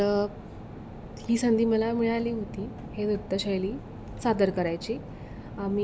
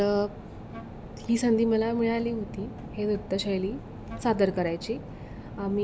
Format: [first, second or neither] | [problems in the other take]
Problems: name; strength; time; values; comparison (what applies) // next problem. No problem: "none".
first | background sound (Wind instrument, woodwind instrument); 19 dB below the speech